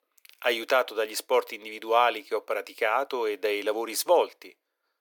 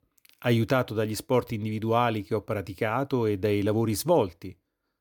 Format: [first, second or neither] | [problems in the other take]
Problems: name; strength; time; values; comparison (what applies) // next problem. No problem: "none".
second | thin; very; fading below 450 Hz